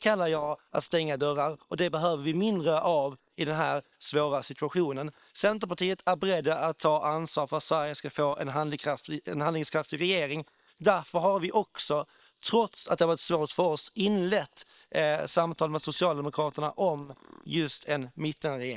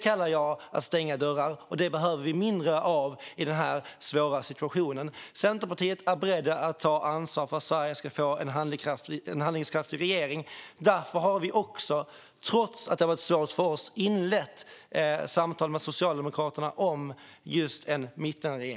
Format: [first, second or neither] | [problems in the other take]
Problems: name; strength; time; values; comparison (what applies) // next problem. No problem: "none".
second | noise reduction (neural separator model SepFormer WHAM!)